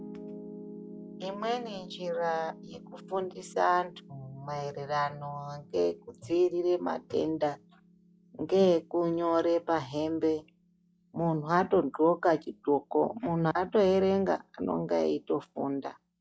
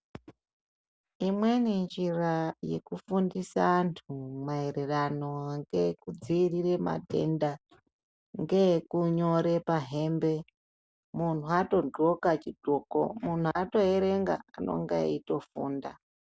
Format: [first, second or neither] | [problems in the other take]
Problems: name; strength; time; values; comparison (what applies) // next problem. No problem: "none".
second | noise reduction (classical method log-MMSE)